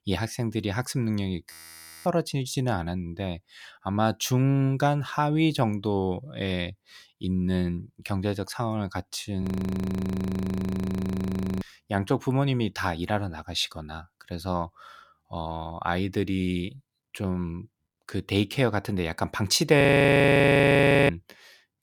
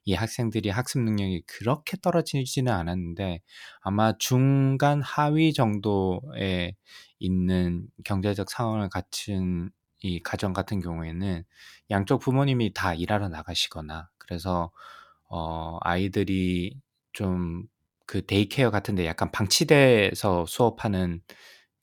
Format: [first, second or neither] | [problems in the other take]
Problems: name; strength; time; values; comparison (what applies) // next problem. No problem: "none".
second | audio freezing; at 1.5 s for 0.5 s, at 9.5 s for 2 s and at 20 s for 1.5 s